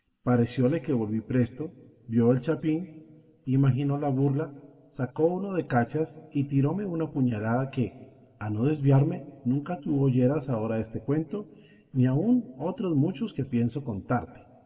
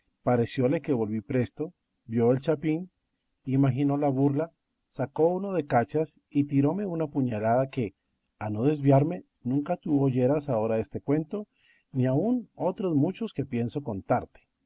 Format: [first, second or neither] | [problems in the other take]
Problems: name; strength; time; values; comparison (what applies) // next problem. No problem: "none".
second | room echo; dies away in 1.3 s